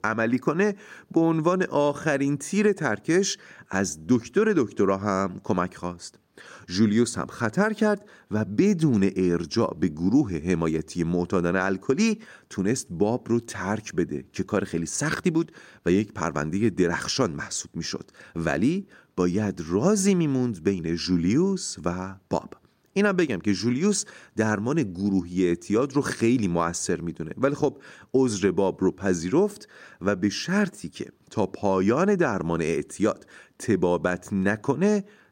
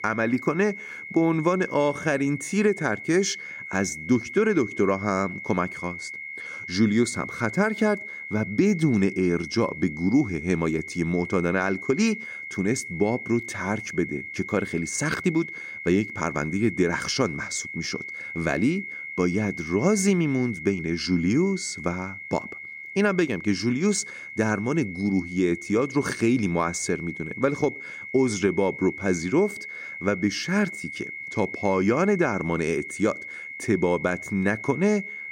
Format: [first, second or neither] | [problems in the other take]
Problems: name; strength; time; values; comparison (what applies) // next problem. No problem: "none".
first | high-pitched whine; loud; throughout; 2 kHz, 10 dB below the speech